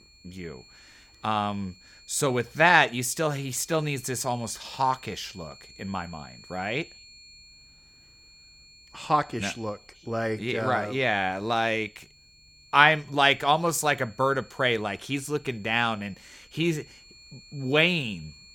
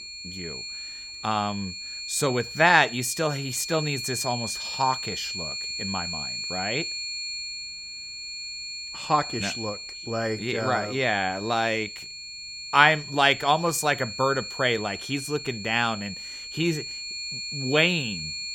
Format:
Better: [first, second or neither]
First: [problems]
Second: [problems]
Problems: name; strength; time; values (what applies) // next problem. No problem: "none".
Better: first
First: high-pitched whine; faint; throughout; 4.5 kHz, 25 dB below the speech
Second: high-pitched whine; loud; throughout; 4.5 kHz, 8 dB below the speech